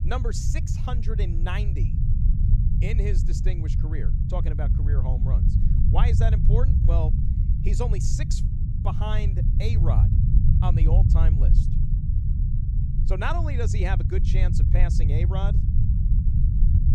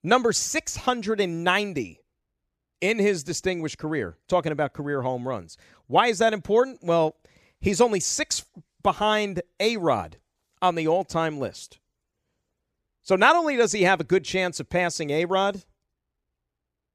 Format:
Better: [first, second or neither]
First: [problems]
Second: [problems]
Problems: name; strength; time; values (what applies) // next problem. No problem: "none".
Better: second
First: low rumble; loud; throughout; 3 dB below the speech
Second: none